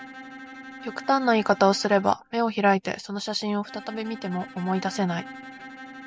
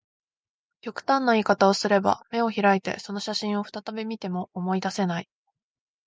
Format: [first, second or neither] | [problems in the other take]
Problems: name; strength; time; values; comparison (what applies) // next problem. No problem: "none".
second | background sound (Bowed string instrument); 17 dB below the speech